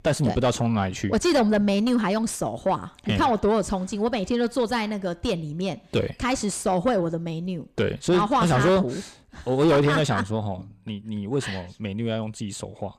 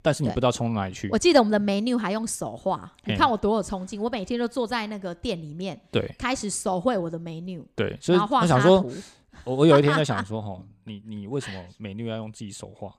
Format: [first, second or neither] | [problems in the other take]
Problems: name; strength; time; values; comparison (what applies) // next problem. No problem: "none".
second | distortion; heavy; 7 dB below the speech